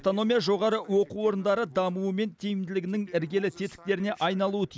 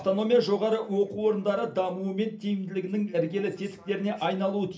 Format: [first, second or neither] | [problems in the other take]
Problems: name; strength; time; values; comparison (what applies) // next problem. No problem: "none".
first | room echo; dies away in 0.3 s